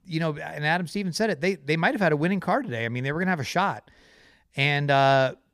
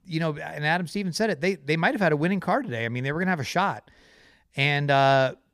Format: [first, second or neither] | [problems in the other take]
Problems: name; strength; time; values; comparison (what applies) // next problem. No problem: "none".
neither | none